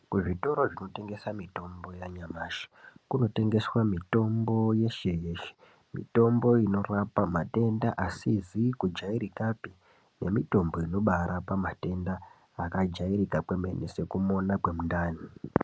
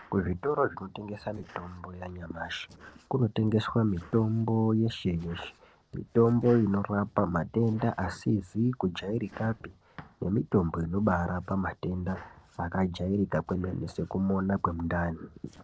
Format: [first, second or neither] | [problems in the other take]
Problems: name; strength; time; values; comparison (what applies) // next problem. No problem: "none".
first | noise reduction (neural separator model SepFormer DNS4)